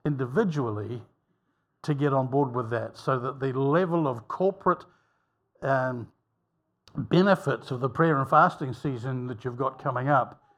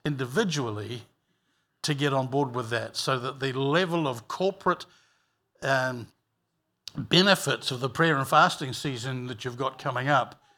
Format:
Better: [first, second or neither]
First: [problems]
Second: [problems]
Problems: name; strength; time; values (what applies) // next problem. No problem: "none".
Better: second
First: muffled; very; fading above 1.5 kHz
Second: none